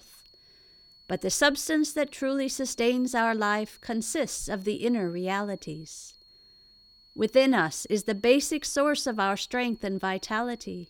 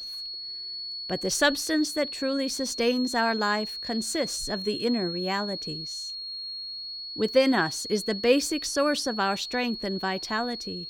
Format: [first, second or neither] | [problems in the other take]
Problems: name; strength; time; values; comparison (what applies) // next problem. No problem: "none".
first | high-pitched whine; loud; throughout; 4.5 kHz, 7 dB below the speech; faint in the first